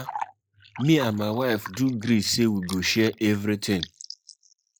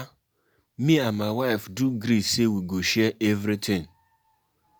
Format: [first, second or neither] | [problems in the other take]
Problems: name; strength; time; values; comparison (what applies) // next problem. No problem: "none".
second | noise reduction (neural mask model Resemble Enhance denoiser)